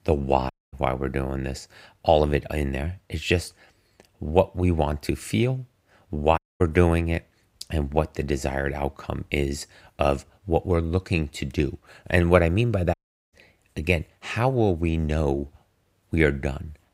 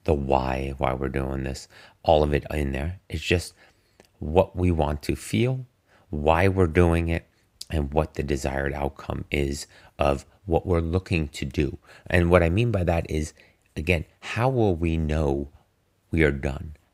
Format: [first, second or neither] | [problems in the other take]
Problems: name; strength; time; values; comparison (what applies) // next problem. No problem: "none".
second | audio cutting out; at 0.5 s, at 6.5 s and at 13 s